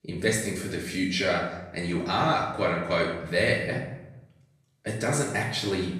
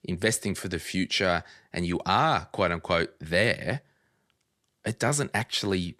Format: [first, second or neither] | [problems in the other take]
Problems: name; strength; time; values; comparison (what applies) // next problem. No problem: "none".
second | off-mic speech; far // room echo; noticeable; dies away in 0.7 s